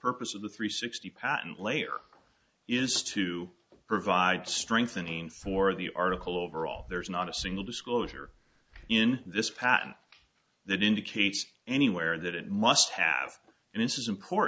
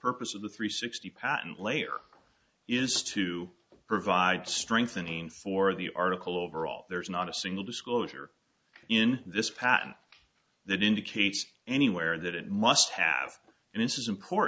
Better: second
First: background sound (Breathing); 19 dB below the speech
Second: none

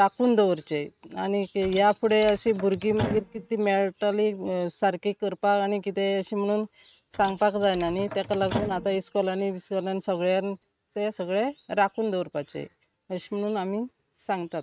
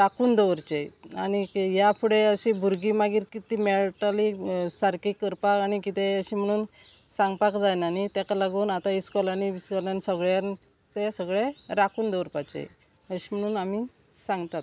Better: second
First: noise reduction (neural mask model RNNoise)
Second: none

